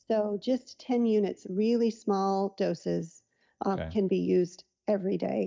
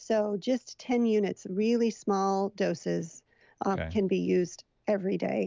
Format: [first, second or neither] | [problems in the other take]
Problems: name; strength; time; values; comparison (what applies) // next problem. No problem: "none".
second | noise reduction (neural mask model DeepFilterNet 3)